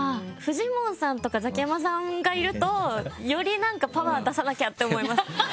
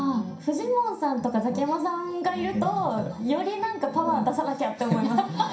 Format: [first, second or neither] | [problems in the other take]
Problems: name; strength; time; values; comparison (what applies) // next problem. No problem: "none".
first | room echo; dies away in 0.5 s